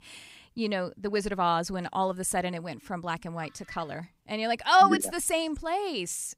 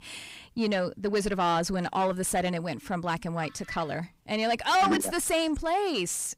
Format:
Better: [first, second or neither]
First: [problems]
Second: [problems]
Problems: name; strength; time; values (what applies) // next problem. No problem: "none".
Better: first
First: none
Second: distortion; heavy; 6 dB below the speech